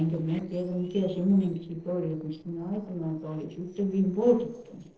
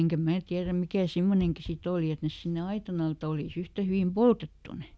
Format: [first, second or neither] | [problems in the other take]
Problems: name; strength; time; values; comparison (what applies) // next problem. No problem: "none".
second | noise reduction (neural separator model SepFormer DNS4)